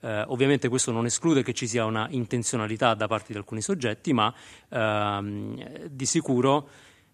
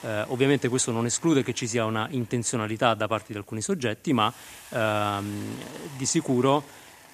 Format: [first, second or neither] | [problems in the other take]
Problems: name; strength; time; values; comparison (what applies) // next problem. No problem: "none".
first | hiss; faint; throughout; 20 dB below the speech